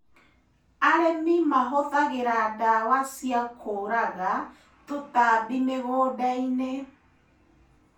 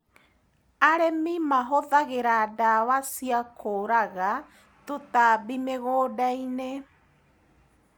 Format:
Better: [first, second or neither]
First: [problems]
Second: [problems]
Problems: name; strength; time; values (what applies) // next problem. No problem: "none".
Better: second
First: room echo; dies away in 0.3 s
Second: none